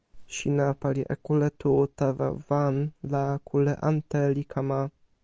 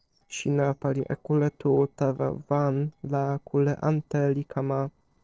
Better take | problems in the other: first | noise reduction (neural separator model SepFormer DNS4)

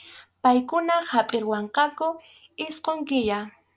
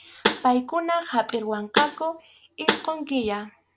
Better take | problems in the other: first | background sound (Snare drum); as loud as the speech

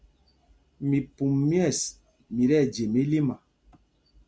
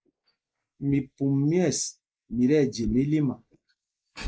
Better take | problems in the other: first | noise reduction (neural mask model Resemble Enhance denoiser)

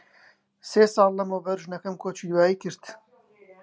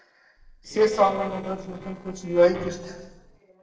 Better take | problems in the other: first | noise reduction (neural separator model SepFormer DNS4)

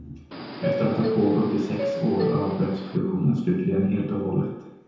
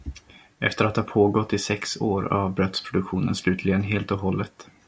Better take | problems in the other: second | background sound (Subway, metro, underground); 5 dB below the speech // room echo; dies away in 0.9 s

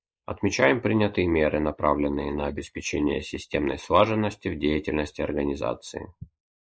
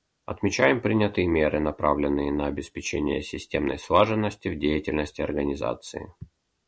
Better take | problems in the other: second | noise reduction (neural mask model Resemble Enhance denoiser)

